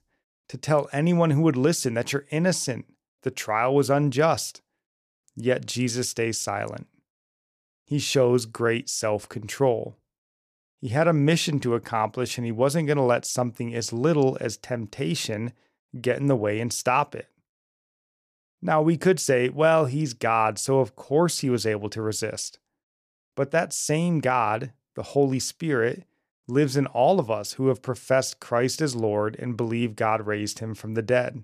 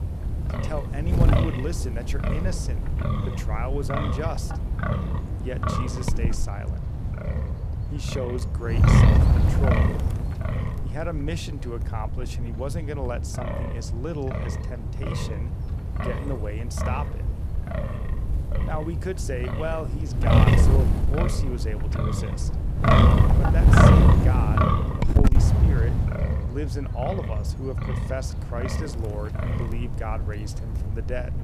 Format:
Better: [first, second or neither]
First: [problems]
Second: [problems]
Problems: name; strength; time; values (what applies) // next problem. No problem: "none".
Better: first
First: none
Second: wind noise on the microphone; heavy; 5 dB above the speech